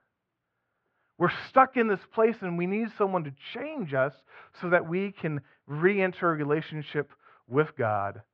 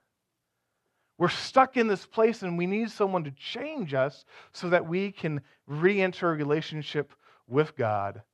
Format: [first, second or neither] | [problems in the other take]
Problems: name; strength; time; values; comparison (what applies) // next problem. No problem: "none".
second | muffled; very; fading above 2.5 kHz